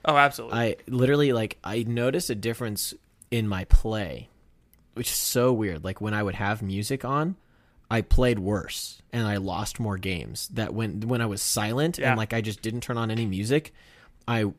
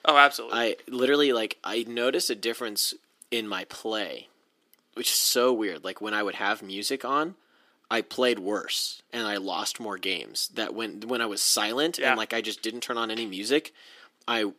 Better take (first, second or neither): first